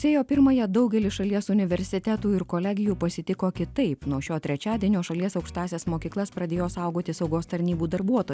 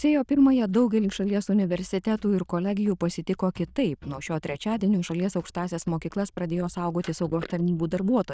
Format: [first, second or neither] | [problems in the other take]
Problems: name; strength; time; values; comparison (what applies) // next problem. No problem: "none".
first | noise reduction (neural diffusion model UNIVERSE++)